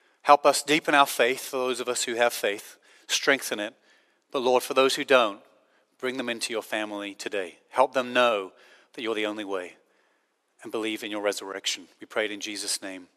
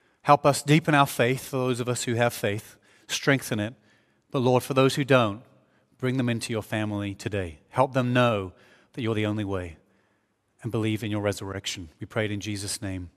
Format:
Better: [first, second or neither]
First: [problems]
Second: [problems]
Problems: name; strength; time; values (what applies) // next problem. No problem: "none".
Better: second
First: thin; somewhat; fading below 350 Hz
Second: none